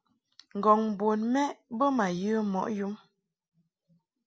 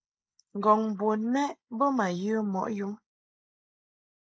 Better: first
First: none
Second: noise reduction (neural mask model Resemble Enhance denoiser)

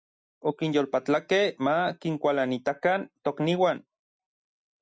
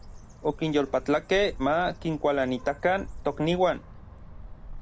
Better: first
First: none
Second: background sound (Bird); 14 dB below the speech

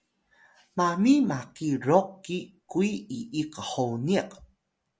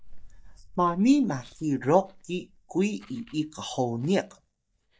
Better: first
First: none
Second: noise reduction (neural mask model DeepFilterNet 3)

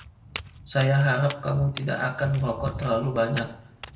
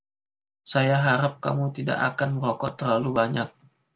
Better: second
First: background sound (Walk, footsteps); 14 dB below the speech // room echo; dies away in 0.6 s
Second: none

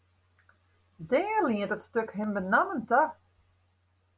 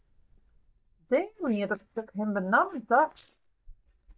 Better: first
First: none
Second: noise reduction (neural mask model DeepFilterNet 3)

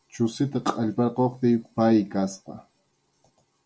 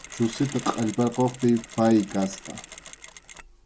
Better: first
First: none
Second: background sound (Mechanisms); 16 dB below the speech

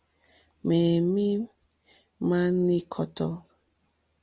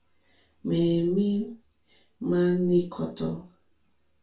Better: first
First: none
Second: room echo; dies away in 0.2 s

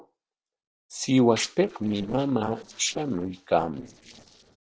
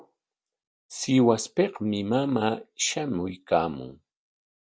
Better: second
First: noise reduction (neural separator model SepFormer DNS4)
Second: none

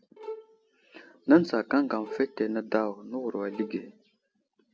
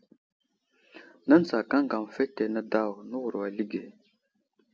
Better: second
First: background sound (Bowed string instrument); 16 dB below the speech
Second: none

